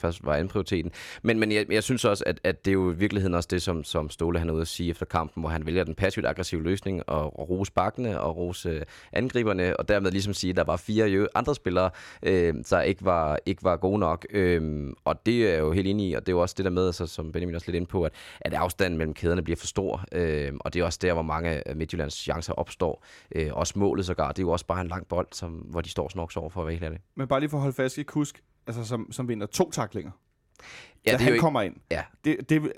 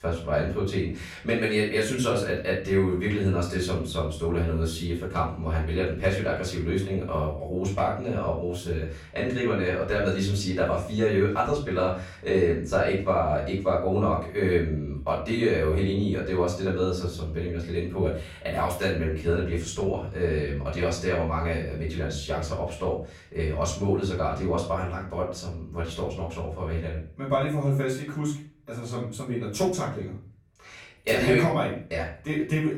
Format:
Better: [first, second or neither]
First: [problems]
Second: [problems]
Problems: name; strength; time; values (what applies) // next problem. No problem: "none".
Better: first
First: none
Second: off-mic speech; far // room echo; slight; dies away in 0.4 s